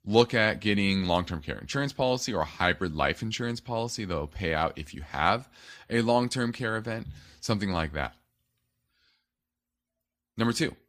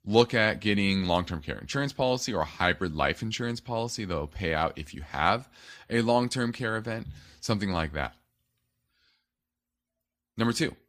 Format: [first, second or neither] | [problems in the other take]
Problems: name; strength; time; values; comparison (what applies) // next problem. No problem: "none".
neither | none